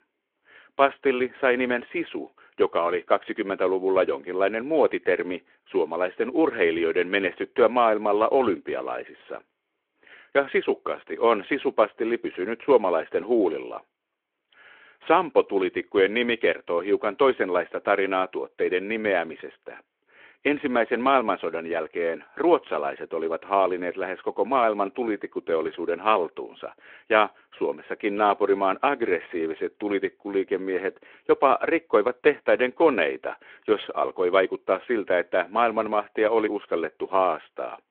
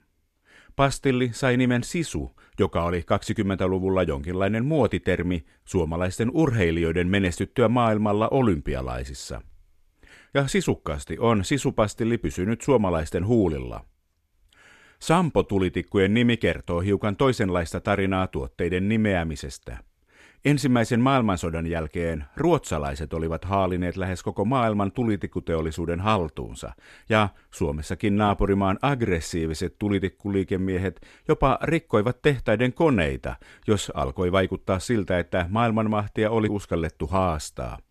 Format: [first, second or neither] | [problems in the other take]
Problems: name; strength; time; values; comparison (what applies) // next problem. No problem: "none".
second | phone-call audio